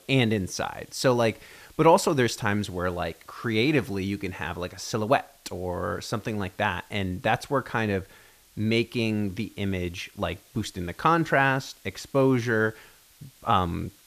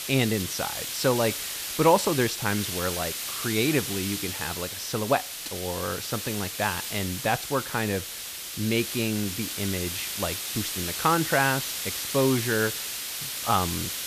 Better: first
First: hiss; faint; throughout; 30 dB below the speech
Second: hiss; loud; throughout; 3 dB below the speech

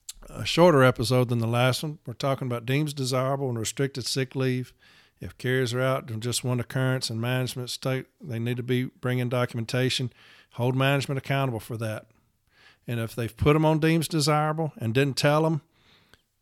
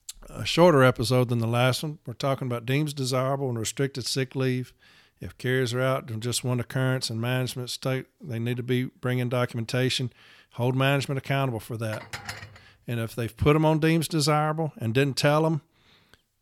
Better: first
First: none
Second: clattering dishes; faint; at 12 s; peak 10 dB below the speech

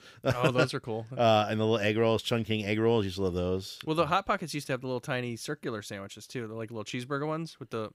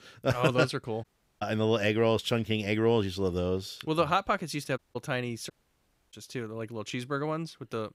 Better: first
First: none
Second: audio cutting out; at 1 s, at 5 s and at 5.5 s for 0.5 s

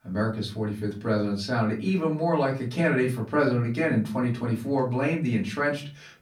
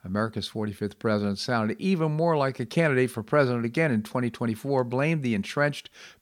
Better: second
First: off-mic speech; far // room echo; very slight; dies away in 0.3 s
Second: none

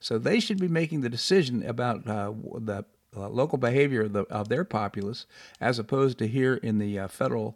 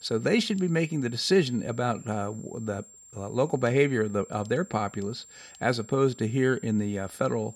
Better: first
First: none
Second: high-pitched whine; faint; throughout; 7.5 kHz, 20 dB below the speech

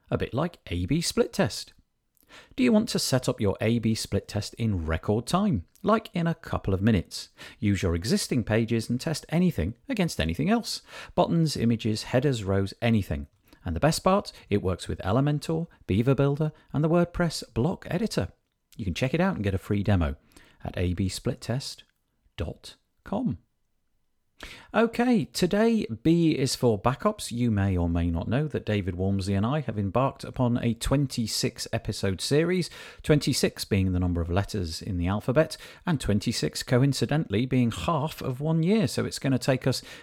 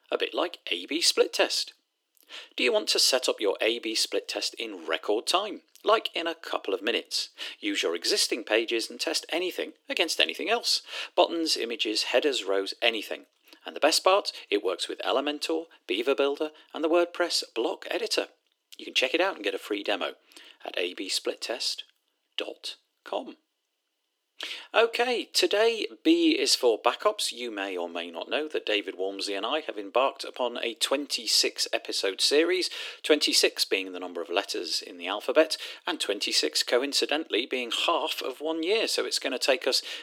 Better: first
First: none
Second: thin; very; fading below 300 Hz

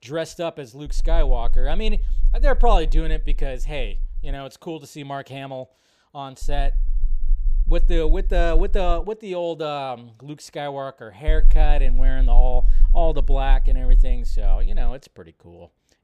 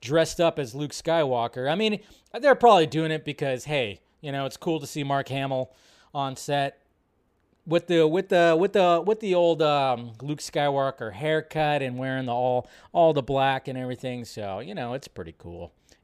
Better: second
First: low rumble; faint; from 1 to 4.5 s, from 6.5 to 9 s and from 11 to 15 s; 25 dB below the speech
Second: none

